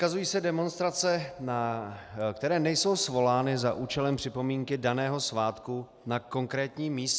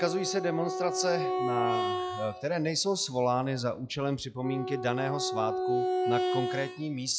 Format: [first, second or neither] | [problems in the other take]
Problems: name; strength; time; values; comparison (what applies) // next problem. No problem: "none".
first | noise reduction (classical method log-MMSE)